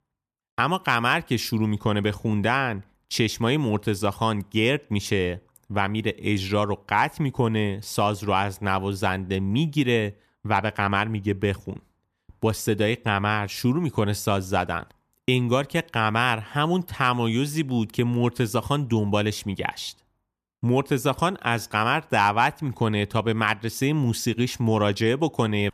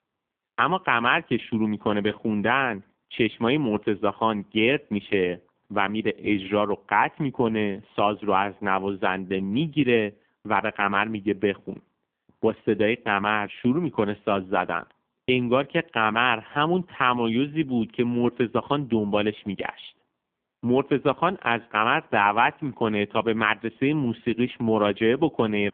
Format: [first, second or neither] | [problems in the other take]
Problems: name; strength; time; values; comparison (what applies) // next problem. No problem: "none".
first | phone-call audio; poor line; nothing above 3.5 kHz